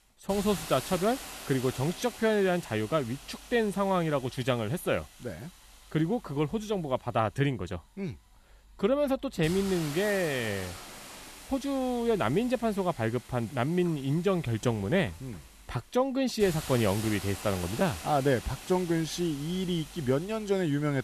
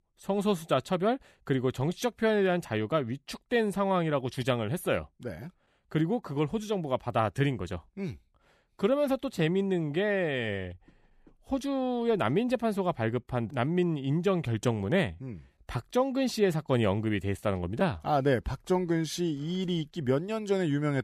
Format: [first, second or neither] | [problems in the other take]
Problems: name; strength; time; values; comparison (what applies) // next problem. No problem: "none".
second | hiss; noticeable; throughout; 15 dB below the speech